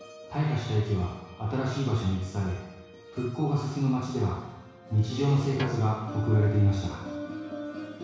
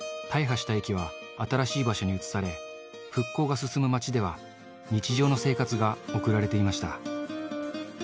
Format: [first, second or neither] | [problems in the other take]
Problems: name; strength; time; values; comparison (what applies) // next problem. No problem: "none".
second | background sound (Guitar); 15 dB below the speech // room echo; dies away in 1.1 s